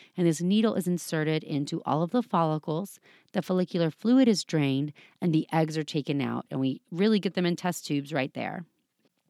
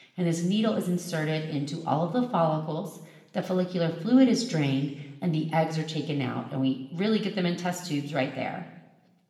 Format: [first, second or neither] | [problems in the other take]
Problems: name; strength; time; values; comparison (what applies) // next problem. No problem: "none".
first | room echo; slight; dies away in 0.9 s // off-mic speech; somewhat distant